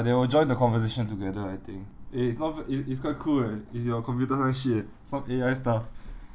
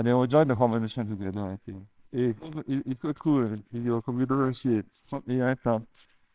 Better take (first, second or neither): first